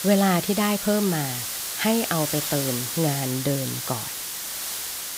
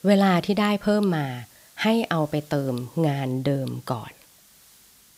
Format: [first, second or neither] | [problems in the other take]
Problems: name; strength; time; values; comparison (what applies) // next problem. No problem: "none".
second | hiss; loud; throughout; 3 dB below the speech; faint in the second